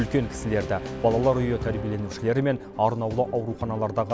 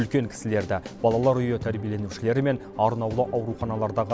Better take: second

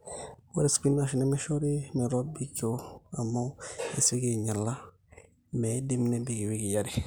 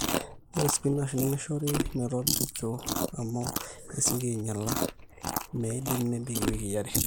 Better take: first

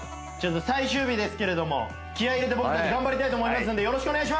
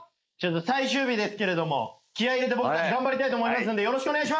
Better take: first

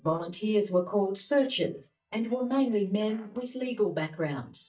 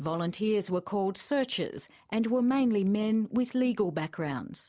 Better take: second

